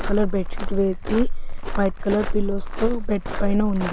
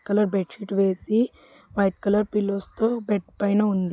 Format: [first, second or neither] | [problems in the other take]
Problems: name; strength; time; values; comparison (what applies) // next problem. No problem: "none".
second | background sound (Walk, footsteps); 1 dB above the speech